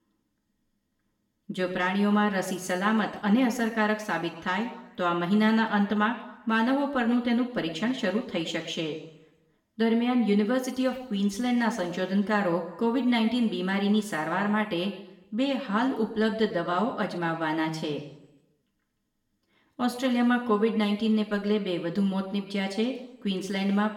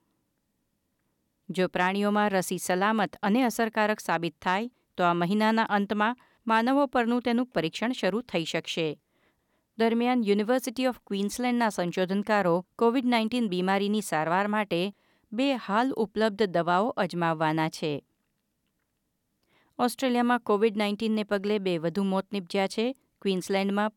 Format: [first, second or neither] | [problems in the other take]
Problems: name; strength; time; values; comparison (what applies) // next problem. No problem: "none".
second | room echo; slight; dies away in 0.8 s // off-mic speech; somewhat distant